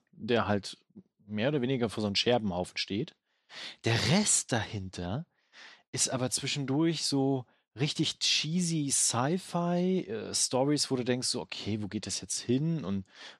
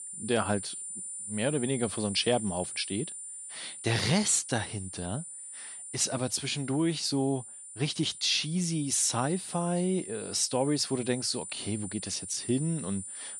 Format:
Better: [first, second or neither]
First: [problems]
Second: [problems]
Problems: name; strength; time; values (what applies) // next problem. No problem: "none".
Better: first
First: none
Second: high-pitched whine; loud; throughout; 9 kHz, 9 dB below the speech